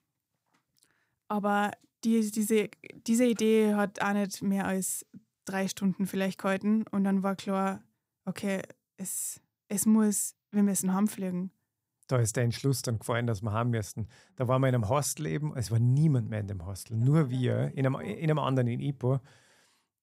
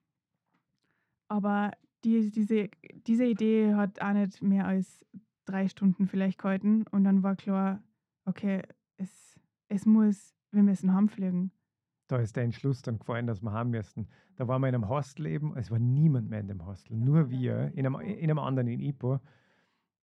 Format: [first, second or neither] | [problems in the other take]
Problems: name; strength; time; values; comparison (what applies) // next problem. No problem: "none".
first | muffled; slightly; fading above 3 kHz